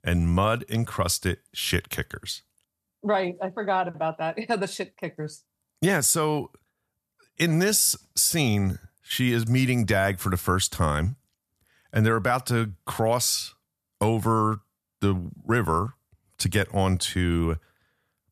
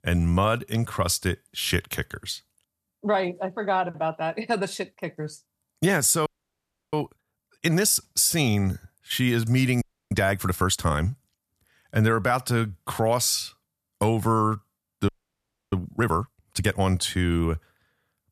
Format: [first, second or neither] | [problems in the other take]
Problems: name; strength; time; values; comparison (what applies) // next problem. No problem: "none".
first | audio freezing; at 6.5 s for 0.5 s, at 10 s and at 15 s for 0.5 s